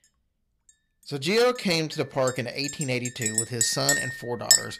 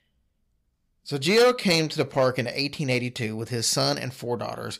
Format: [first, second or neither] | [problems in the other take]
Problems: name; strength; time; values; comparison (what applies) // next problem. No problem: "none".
second | household noises; very loud; throughout; 3 dB above the speech